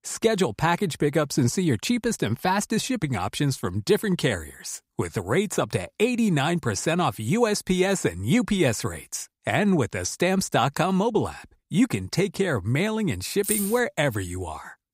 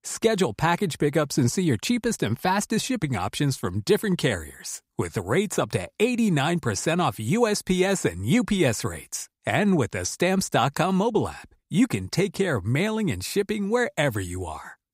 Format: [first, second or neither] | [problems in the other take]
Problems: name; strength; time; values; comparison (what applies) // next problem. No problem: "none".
second | jangling keys; noticeable; at 13 s; peak 2 dB below the speech